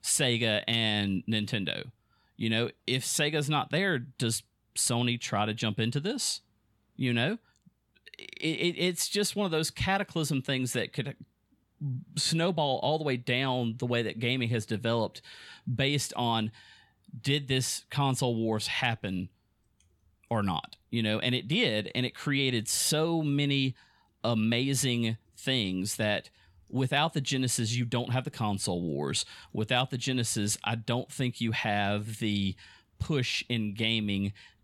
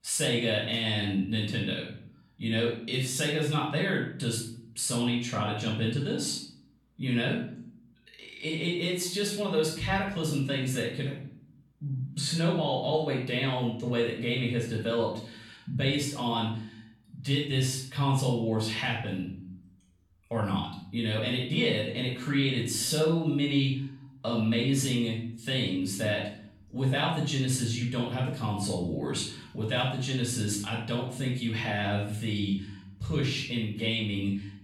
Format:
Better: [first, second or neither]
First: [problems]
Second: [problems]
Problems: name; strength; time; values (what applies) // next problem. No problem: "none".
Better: first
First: none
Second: off-mic speech; far // room echo; noticeable; dies away in 0.5 s